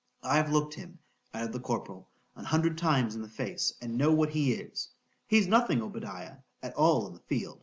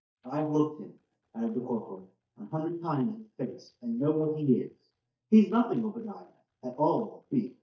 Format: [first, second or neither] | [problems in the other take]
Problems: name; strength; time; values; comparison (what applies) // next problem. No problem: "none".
first | noise reduction (neural mask model DeepFilterNet 3)